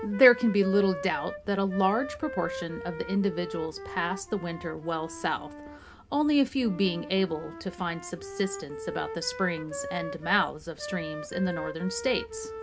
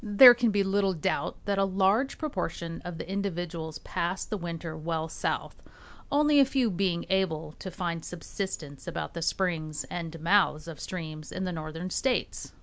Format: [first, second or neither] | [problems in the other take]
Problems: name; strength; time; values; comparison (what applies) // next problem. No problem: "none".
second | background sound (Wind instrument, woodwind instrument); 11 dB below the speech // room echo; dies away in 0.3 s